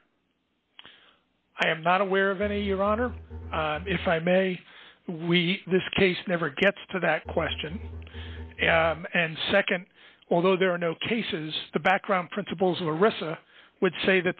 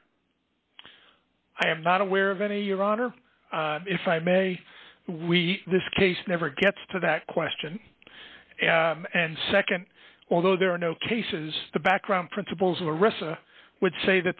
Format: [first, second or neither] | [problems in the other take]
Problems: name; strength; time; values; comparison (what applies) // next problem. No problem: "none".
second | background sound (Bowed string instrument); 13 dB below the speech